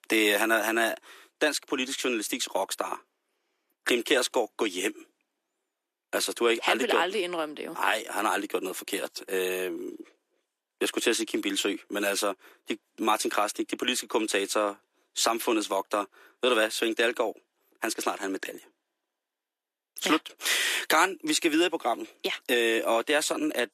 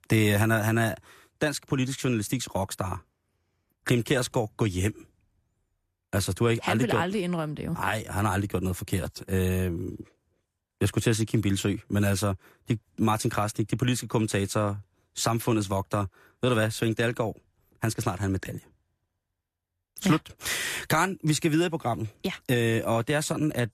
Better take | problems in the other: second | thin; somewhat; fading below 300 Hz

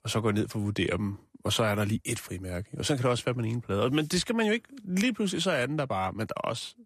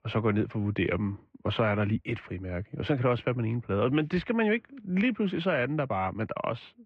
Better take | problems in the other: first | muffled; very; fading above 2.5 kHz

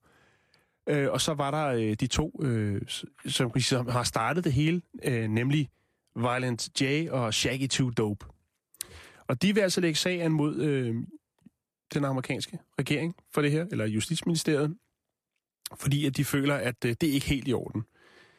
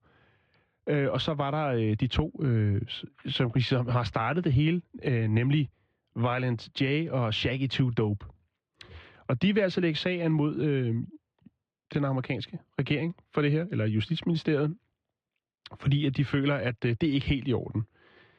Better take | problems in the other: first | muffled; slightly; fading above 3.5 kHz

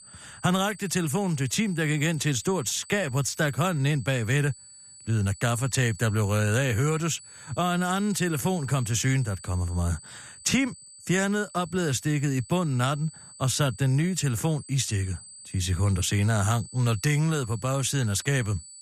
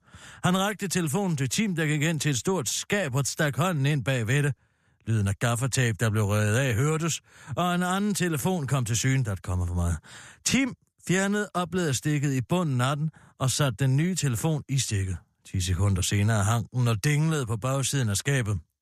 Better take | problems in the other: second | high-pitched whine; noticeable; throughout; 8 kHz, 20 dB below the speech

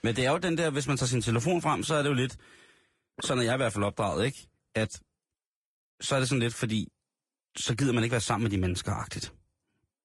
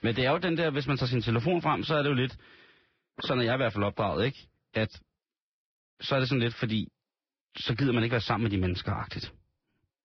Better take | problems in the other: first | garbled, watery; badly; nothing above 5.5 kHz; slightly in the first

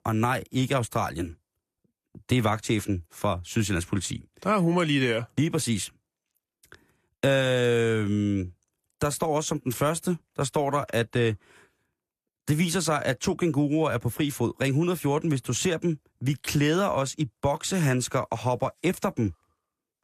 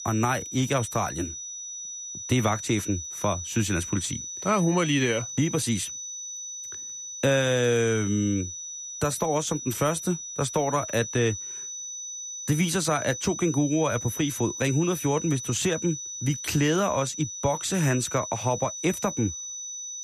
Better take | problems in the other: first | high-pitched whine; loud; throughout; 6 kHz, 7 dB below the speech

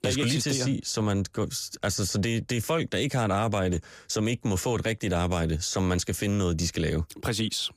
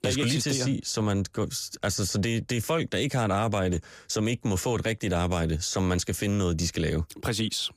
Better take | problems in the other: neither | none

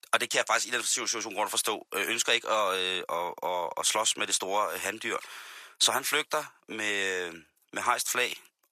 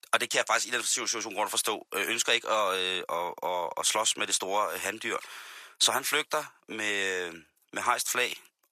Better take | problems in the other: neither | thin; very; fading below 800 Hz; the same in both

